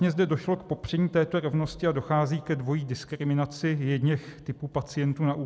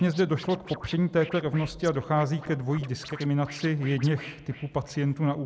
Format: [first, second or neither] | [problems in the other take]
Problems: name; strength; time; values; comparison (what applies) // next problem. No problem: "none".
first | background sound (Scratching (performance technique)); 18 dB below the speech